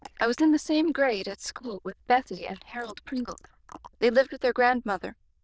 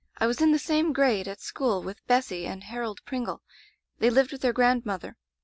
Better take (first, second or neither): second